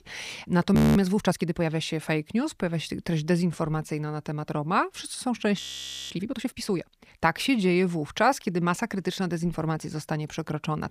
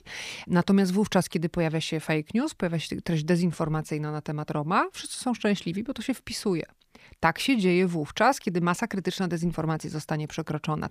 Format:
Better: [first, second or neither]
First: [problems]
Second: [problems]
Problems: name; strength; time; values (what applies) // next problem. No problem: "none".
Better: second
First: audio freezing; at 1 s and at 5.5 s for 0.5 s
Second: none